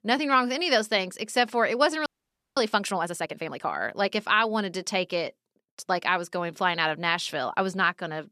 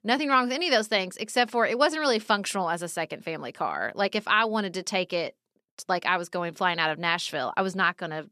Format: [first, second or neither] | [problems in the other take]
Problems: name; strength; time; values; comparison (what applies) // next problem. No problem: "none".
second | audio freezing; at 2 s for 0.5 s